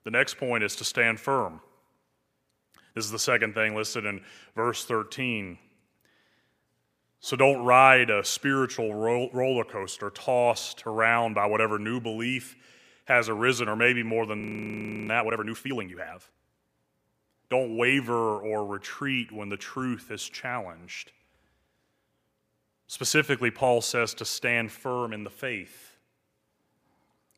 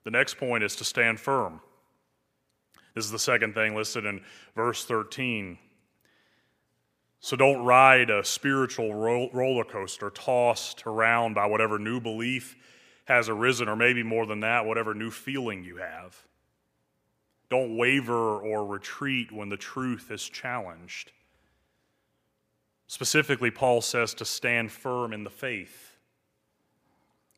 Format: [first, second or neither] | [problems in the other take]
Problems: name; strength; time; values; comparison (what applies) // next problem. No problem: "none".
second | audio freezing; at 14 s for 0.5 s